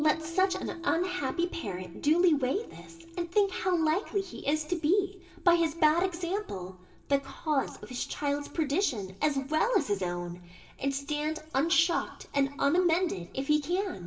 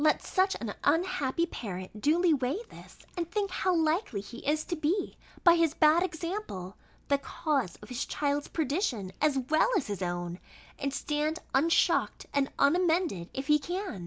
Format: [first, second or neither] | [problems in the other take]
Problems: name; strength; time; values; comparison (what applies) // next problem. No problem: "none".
second | background sound (Piano); 19 dB below the speech // room echo; dies away in 0.8 s